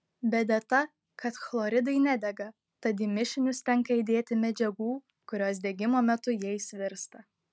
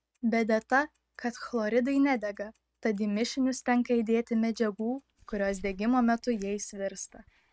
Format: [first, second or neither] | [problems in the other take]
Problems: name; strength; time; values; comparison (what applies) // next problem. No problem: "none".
first | noise reduction (neural mask model RNNoise)